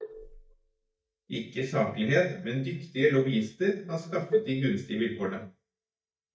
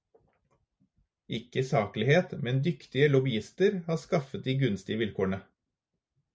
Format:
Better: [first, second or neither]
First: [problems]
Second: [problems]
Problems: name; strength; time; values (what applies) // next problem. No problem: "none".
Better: second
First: noise reduction (neural mask model DeepFilterNet 3)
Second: none